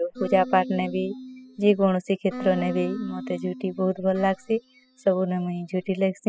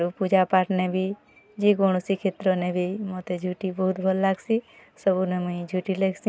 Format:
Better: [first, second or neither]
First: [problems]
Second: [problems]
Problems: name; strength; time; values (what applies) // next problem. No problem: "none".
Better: second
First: noise reduction (classical method spectral subtraction)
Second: none